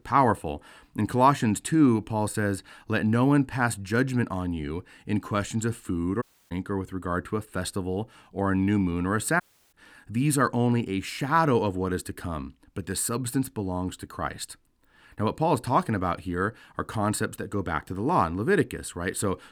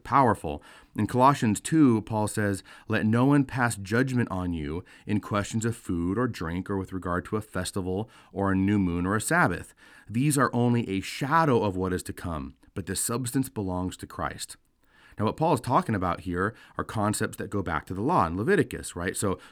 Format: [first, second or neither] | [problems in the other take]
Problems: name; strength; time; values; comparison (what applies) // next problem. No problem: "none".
second | audio cutting out; at 6 s and at 9.5 s